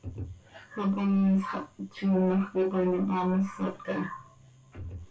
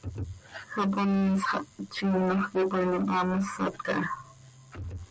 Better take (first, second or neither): second